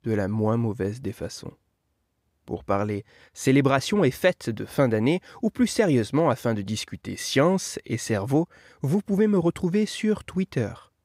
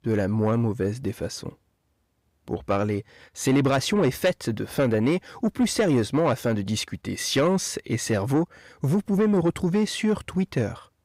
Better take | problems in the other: first | distortion; slight; 10 dB below the speech

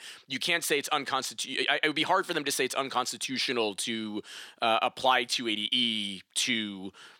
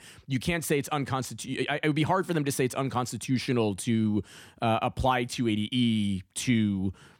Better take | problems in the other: second | thin; somewhat; fading below 400 Hz

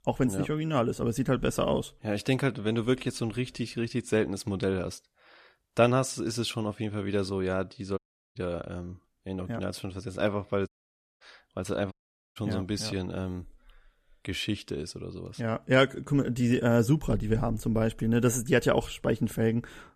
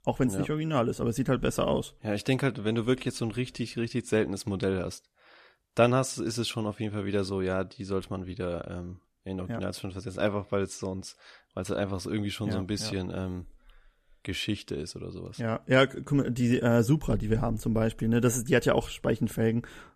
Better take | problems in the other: second | audio cutting out; at 8 s, at 11 s for 0.5 s and at 12 s

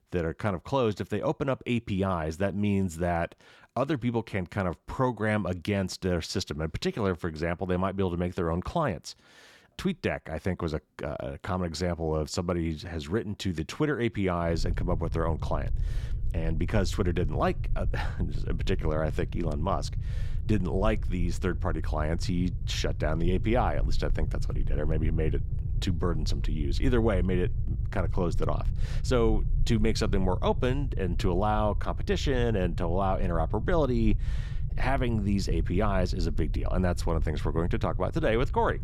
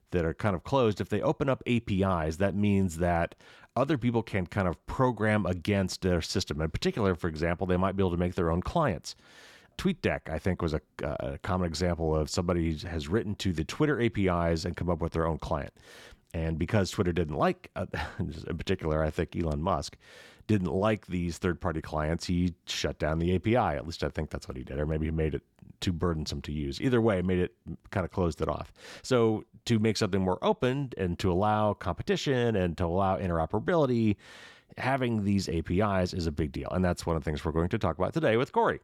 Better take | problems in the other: second | low rumble; noticeable; from 14 s on; 20 dB below the speech

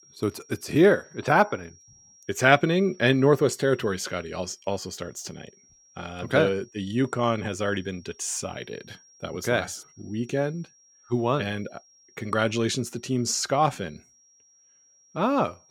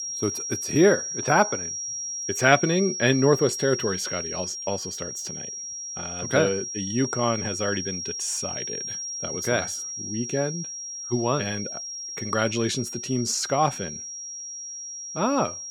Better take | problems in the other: first | high-pitched whine; loud; throughout; 5.5 kHz, 6 dB below the speech; faint in the first

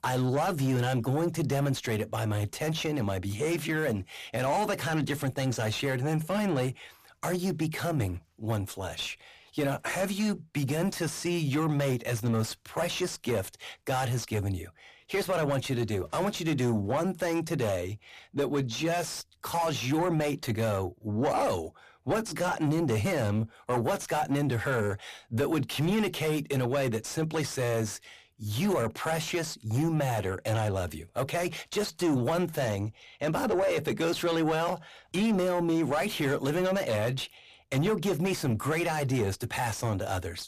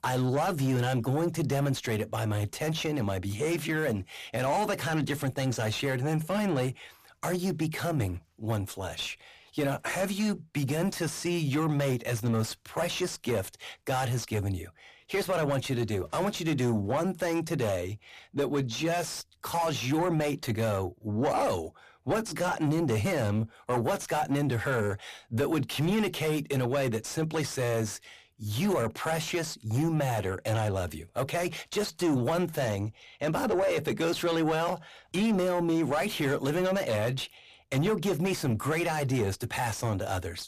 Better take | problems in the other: neither | distortion; slight; 10 dB below the speech; the same in both

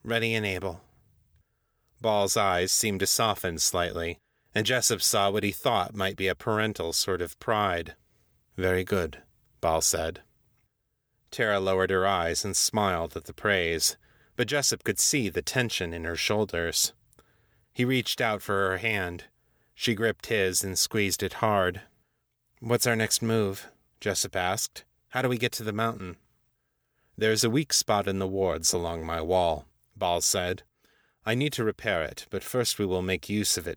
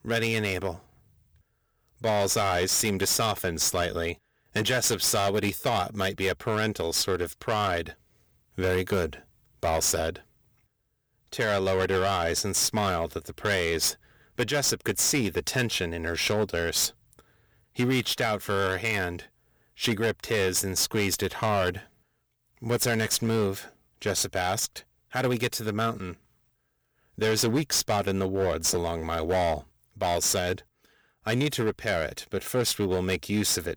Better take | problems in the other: first | distortion; slight; 9% of the sound clipped

